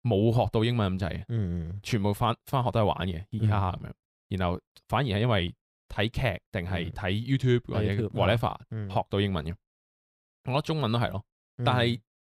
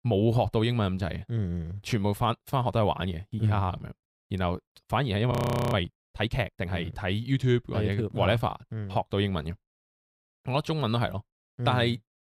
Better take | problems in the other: first | audio freezing; at 5.5 s

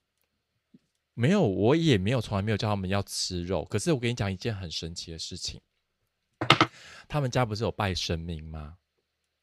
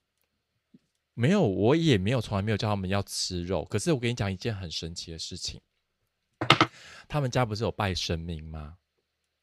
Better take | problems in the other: neither | none

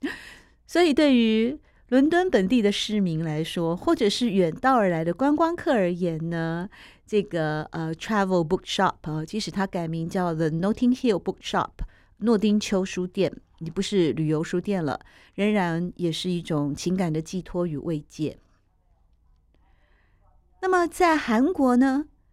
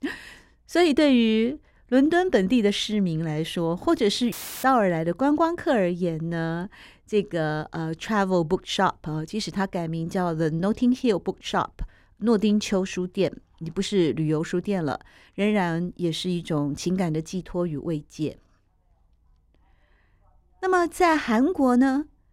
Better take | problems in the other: first | audio cutting out; filled with static; at 4.5 s

